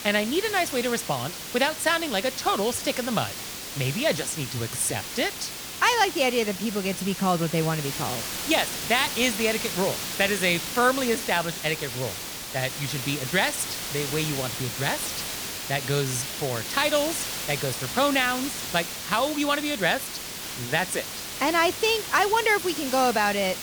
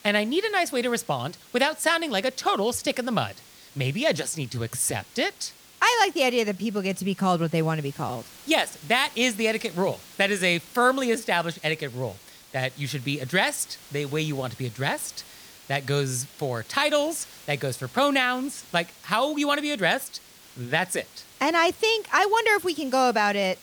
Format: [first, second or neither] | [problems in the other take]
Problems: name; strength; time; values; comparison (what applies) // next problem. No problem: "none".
second | hiss; loud; throughout; 6 dB below the speech; faint in the second